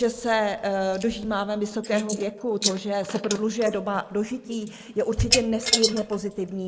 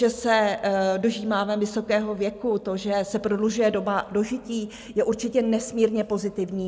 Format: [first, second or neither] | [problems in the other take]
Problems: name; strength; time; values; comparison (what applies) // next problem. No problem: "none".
second | noise reduction (neural mask model Resemble Enhance denoiser)